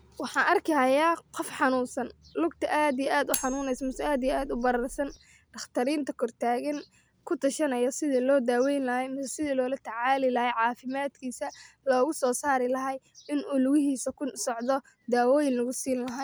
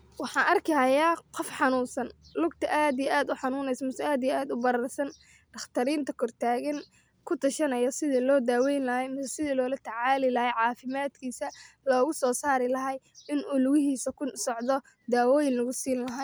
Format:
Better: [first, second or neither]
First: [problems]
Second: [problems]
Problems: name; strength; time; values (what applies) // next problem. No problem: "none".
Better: second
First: background sound (Cutlery, silverware); 12 dB below the speech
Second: none